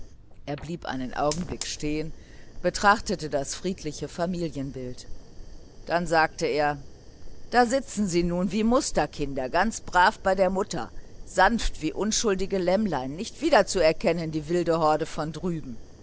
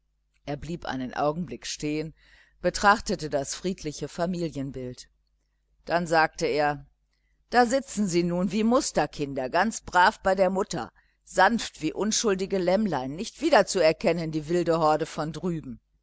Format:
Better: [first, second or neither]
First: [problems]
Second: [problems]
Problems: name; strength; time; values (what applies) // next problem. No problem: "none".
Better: second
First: background sound (Fire); 11 dB below the speech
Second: none